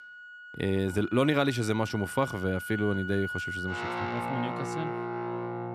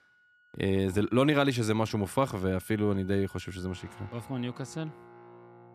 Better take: second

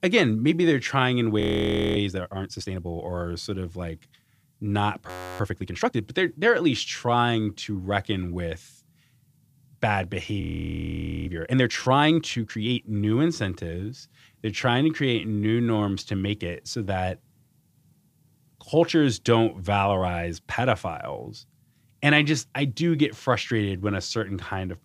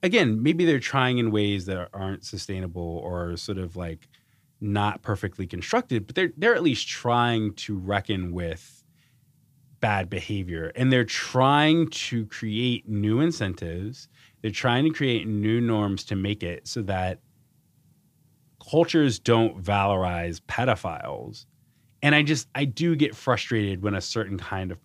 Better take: second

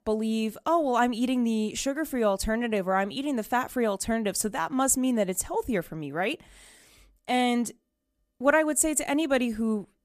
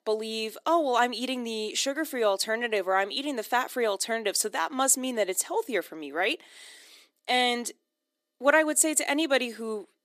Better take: first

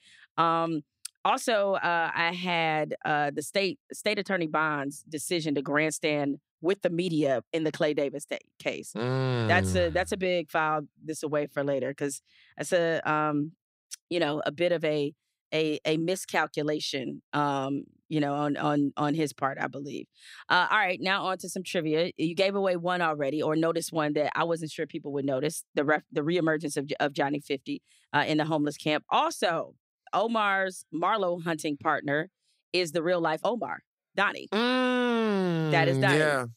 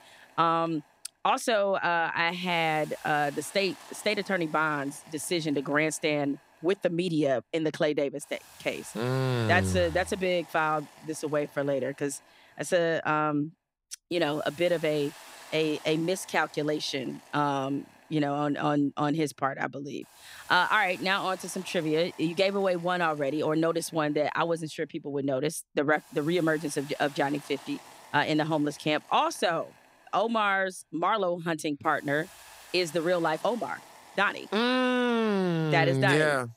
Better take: first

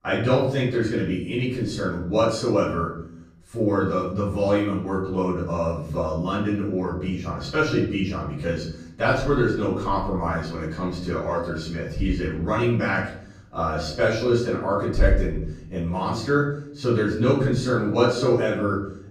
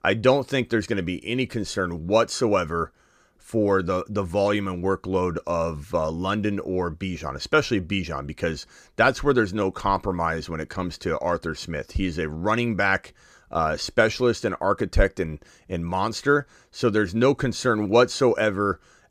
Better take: second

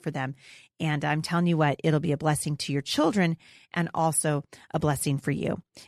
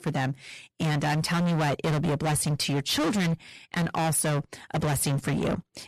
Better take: first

